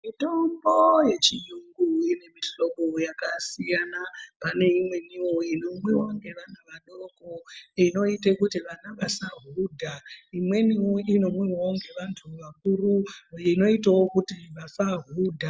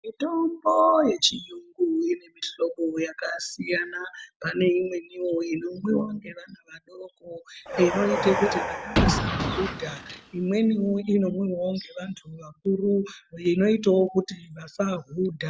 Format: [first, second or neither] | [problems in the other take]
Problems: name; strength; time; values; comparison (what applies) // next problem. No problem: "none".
first | background sound (Car); 1 dB below the speech